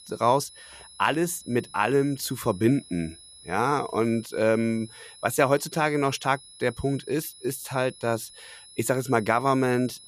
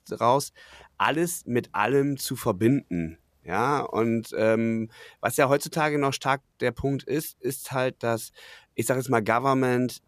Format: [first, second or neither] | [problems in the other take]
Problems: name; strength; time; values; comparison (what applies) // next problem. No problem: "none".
second | high-pitched whine; faint; throughout; 10.5 kHz, 20 dB below the speech